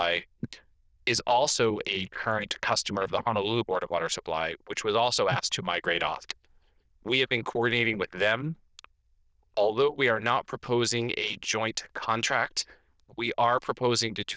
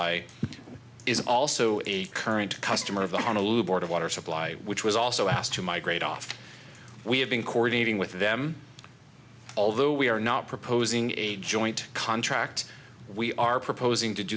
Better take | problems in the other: second | noise reduction (neural diffusion model UNIVERSE++)

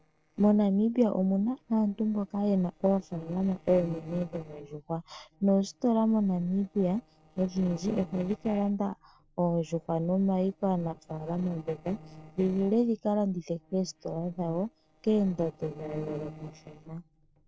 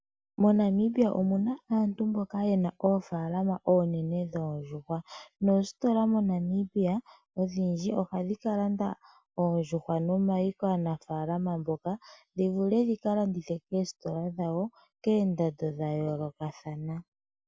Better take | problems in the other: second | noise reduction (neural separator model SepFormer DNS4)

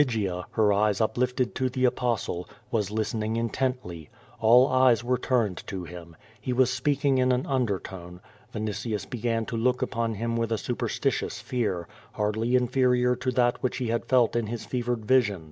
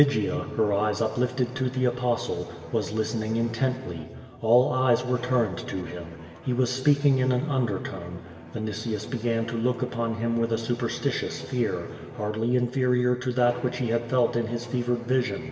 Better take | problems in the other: first | background sound (Bowed string instrument); 18 dB below the speech // room echo; dies away in 1.8 s

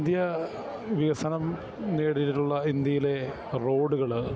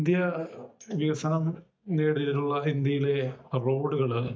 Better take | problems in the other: first | noise reduction (neural mask model DeepFilterNet 3)

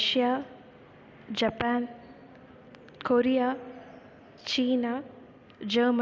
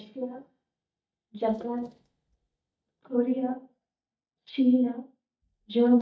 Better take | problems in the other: first | noise reduction (neural mask model DeepFilterNet 3)

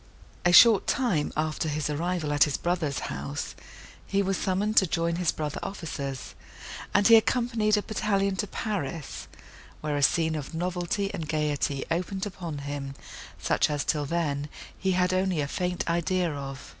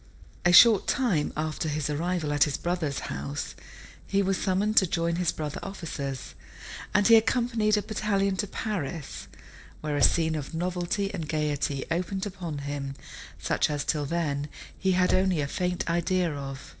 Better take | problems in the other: first | noise reduction (neural separator model SepFormer DNS4)

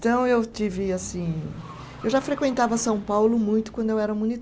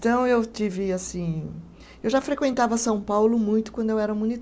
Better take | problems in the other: second | background sound (Car + Guitar); 20 dB below the speech

